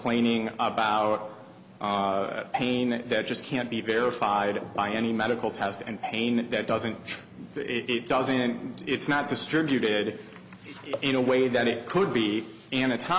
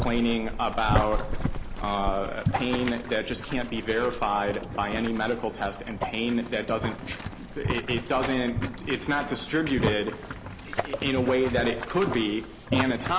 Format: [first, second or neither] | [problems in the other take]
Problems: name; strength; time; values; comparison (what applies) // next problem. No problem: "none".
first | background sound (Boiling); 4 dB below the speech